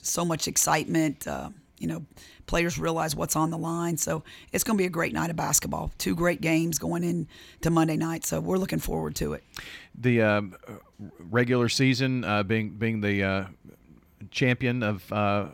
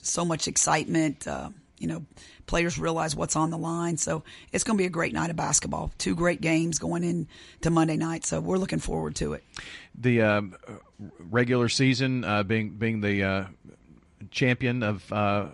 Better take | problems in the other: first | garbled, watery; slightly; nothing above 11 kHz

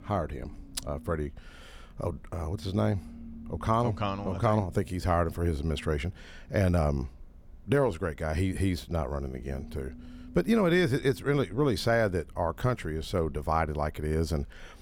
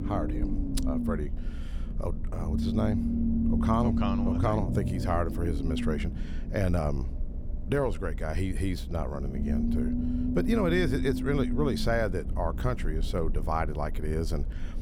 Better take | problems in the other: first | low rumble; loud; throughout; 5 dB below the speech; faint in the first

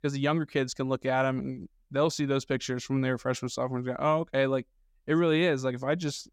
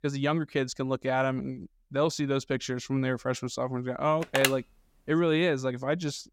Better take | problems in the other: first | phone ringing; loud; at 4 s; peak 1 dB above the speech

